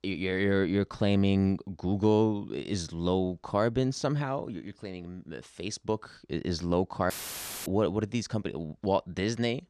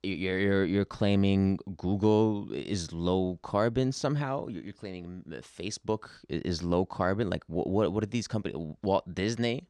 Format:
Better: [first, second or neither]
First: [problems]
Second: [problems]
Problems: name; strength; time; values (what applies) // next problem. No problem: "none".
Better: second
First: audio cutting out; filled with static; at 7 s for 0.5 s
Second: none